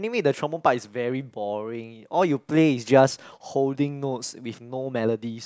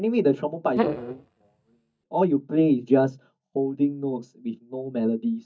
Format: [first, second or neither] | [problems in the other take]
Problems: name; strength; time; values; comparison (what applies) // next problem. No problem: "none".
first | noise reduction (neural mask model DeepFilterNet 3)